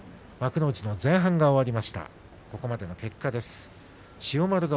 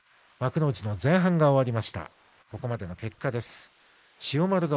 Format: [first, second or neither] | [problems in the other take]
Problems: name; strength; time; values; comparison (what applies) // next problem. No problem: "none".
first | noise reduction (neural mask model Resemble Enhance denoiser)